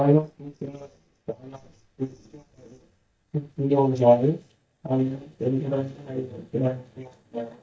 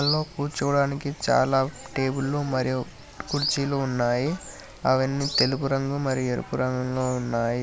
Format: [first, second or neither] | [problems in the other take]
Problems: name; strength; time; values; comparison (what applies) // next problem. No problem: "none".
second | noise reduction (neural mask model DeepFilterNet 3)